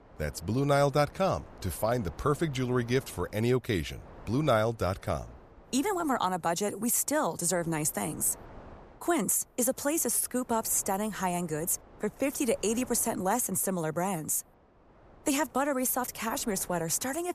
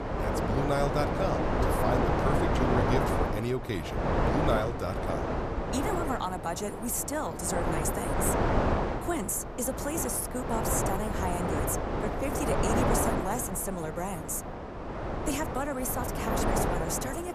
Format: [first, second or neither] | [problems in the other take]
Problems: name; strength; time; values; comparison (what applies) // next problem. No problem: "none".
first | wind noise on the microphone; heavy; 2 dB above the speech; occasional gusts in the first